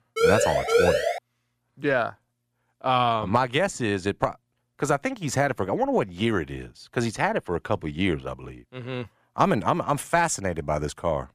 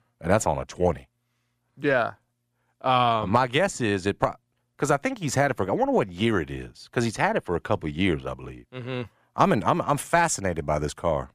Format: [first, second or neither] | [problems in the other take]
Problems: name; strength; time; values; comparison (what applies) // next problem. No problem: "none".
second | siren; loud; until 1 s; peak 5 dB above the speech